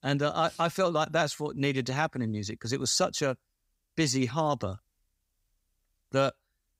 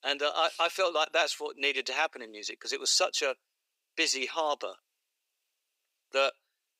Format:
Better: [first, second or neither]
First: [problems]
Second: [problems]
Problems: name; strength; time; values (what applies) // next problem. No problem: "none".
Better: first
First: none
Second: thin; very; fading below 400 Hz